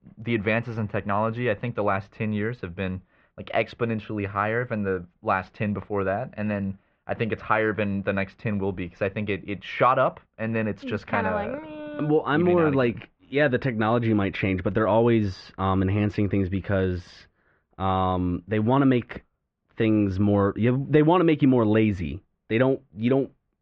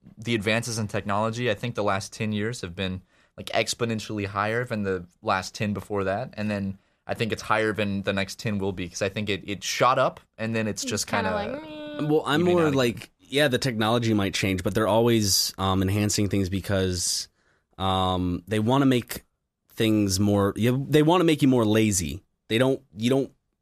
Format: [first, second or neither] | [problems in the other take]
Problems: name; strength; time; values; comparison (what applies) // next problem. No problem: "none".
second | muffled; very; fading above 2.5 kHz